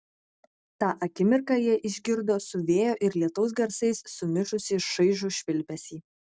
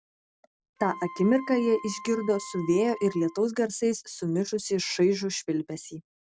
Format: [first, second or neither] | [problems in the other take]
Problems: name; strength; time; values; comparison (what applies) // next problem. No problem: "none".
first | background sound (Wind instrument, woodwind instrument); 16 dB below the speech